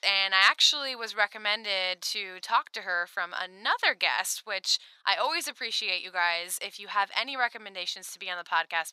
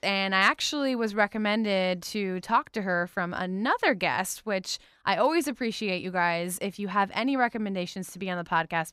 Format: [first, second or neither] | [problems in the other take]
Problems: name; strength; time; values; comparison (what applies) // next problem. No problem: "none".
second | thin; very; fading below 950 Hz